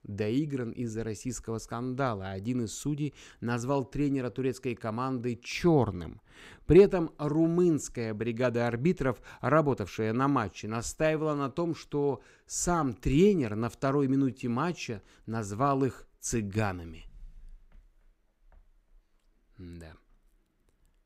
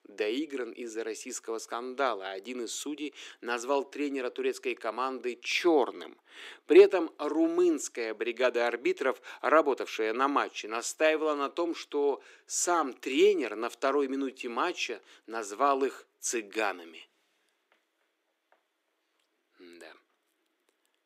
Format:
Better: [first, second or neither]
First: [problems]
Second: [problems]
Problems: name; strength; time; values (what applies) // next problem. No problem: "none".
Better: first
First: none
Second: thin; somewhat; fading below 300 Hz